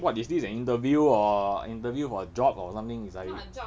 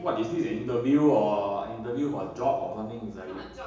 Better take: first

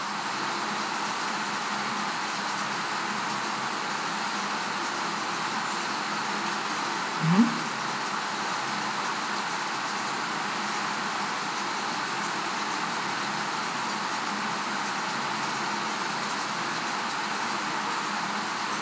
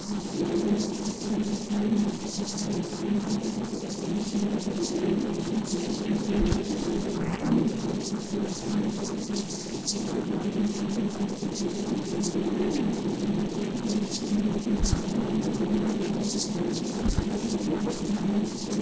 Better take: first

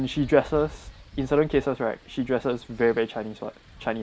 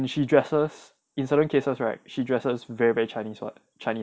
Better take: second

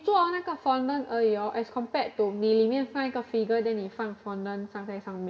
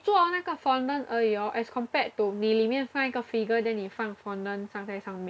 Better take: second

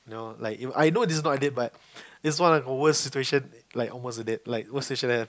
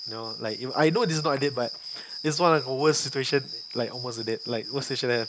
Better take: first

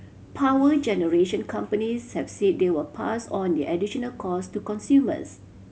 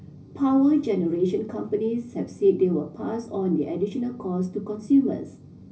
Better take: first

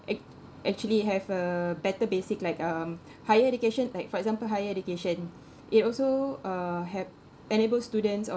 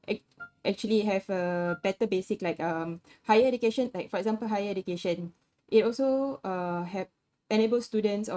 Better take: first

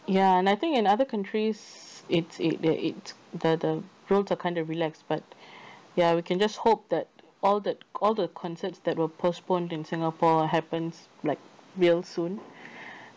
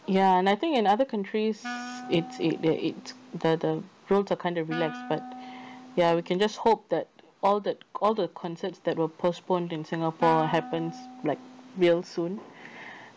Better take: first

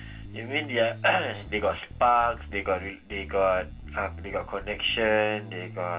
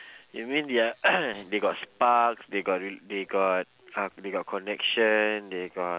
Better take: second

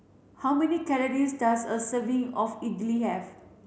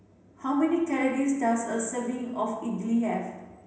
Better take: first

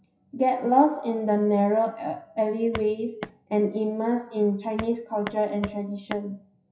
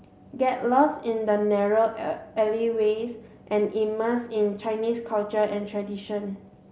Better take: second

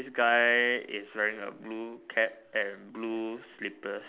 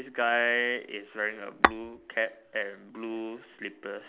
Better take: first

